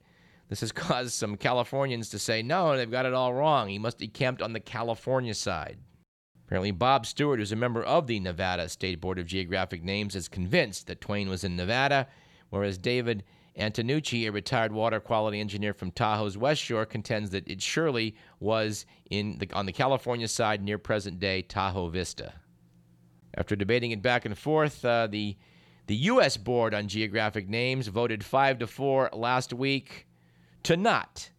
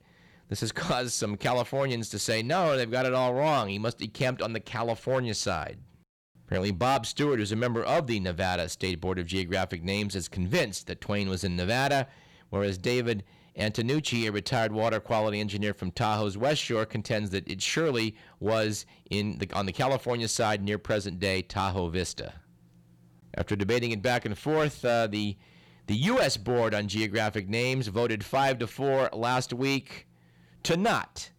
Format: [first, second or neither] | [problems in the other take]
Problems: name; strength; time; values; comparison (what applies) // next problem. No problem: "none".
first | distortion; slight; 6% of the sound clipped